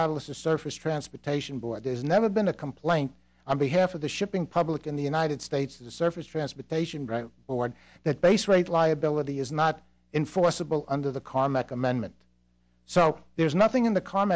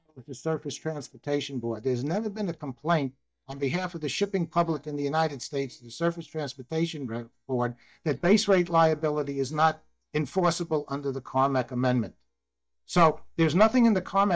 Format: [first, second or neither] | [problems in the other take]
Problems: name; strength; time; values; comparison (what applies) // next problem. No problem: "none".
first | noise reduction (neural mask model DeepFilterNet 3)